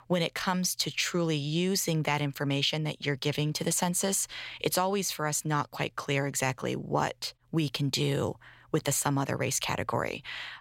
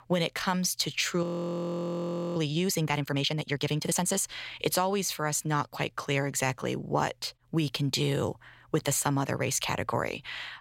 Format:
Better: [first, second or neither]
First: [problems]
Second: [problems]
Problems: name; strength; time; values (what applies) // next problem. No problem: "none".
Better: first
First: none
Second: audio freezing; at 1 s for 1 s